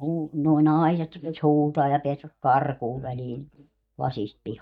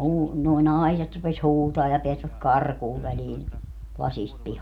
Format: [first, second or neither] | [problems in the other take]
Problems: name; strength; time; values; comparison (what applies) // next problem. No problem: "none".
second | noise reduction (neural mask model DeepFilterNet 3)